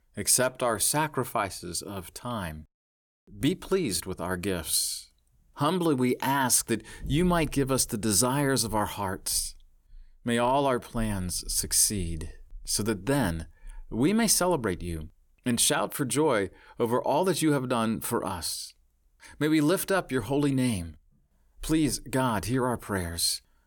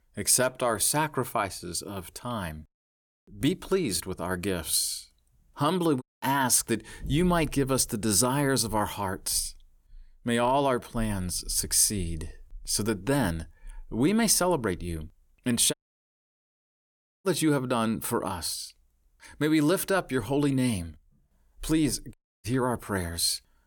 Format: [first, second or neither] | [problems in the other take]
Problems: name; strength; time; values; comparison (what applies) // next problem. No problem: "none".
first | audio cutting out; at 6 s, at 16 s for 1.5 s and at 22 s